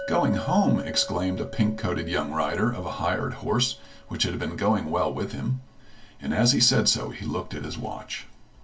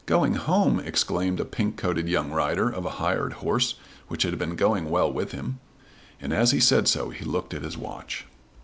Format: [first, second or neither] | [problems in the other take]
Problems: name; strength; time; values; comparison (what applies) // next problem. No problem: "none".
second | background sound (Chink, clink); 16 dB below the speech // room echo; dies away in 0.1 s